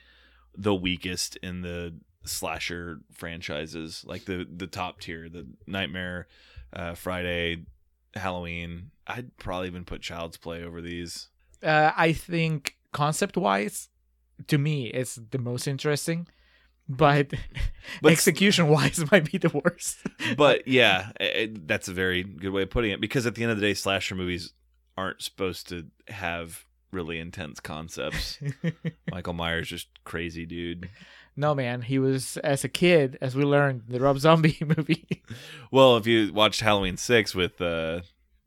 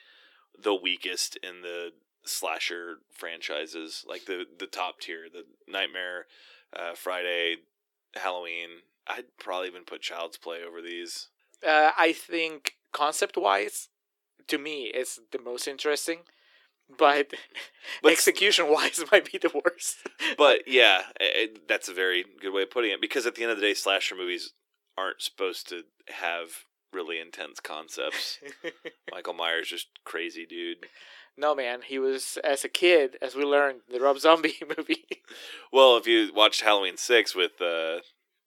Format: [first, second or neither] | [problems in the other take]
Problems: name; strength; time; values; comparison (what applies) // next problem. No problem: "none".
first | thin; very; fading below 350 Hz